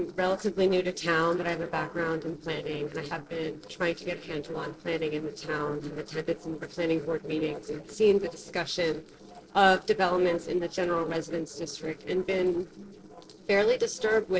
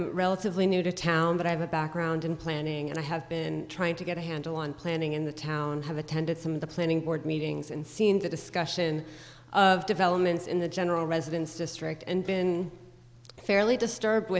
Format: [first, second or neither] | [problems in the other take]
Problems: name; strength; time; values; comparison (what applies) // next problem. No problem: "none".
second | noise reduction (neural separator model SepFormer DNS4)